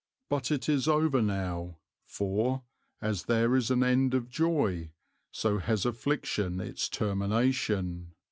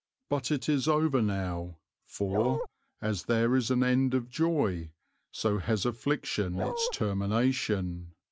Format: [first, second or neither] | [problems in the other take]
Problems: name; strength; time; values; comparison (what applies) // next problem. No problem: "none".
first | background sound (Bark); 4 dB below the speech